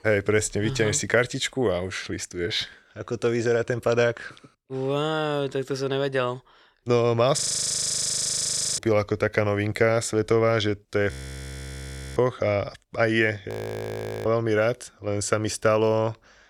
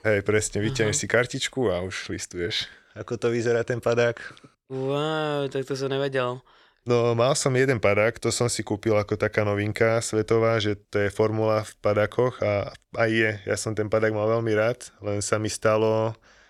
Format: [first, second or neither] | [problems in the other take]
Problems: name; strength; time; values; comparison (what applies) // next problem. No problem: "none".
second | audio freezing; at 7.5 s for 1.5 s, at 11 s for 1 s and at 13 s for 1 s